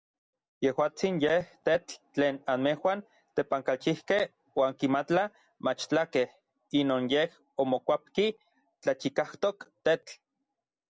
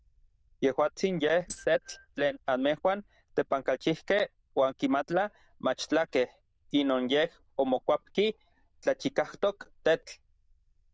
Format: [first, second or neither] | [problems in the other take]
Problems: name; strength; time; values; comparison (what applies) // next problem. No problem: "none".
first | noise reduction (neural diffusion model UNIVERSE++)